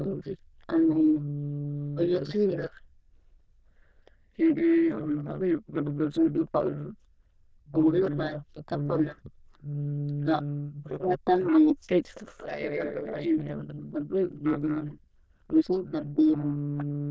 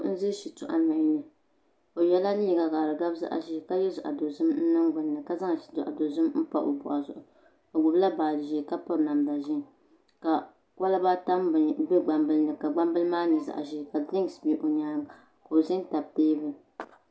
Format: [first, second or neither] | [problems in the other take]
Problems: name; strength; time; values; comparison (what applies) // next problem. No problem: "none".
second | noise reduction (neural diffusion model UNIVERSE++)